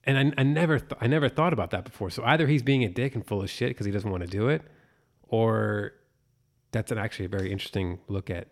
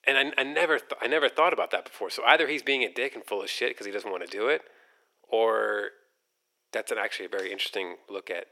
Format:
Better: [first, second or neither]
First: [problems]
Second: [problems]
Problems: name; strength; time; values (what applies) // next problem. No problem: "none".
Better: first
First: none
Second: thin; very; fading below 400 Hz